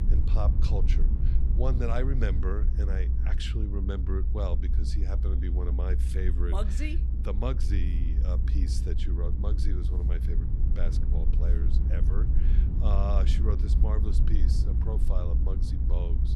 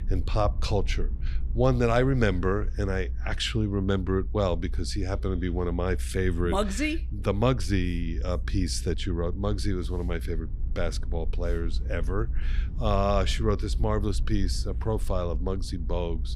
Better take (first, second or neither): second